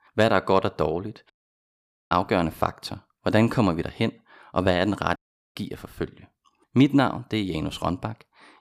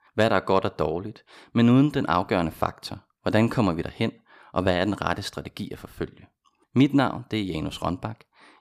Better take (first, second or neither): second